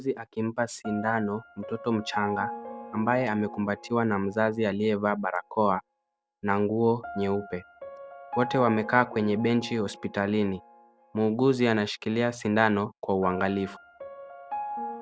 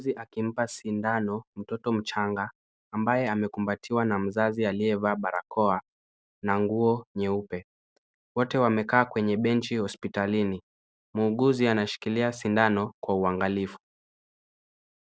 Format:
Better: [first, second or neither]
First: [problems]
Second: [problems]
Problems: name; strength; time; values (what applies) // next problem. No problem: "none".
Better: second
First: background sound (Piano); 14 dB below the speech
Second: none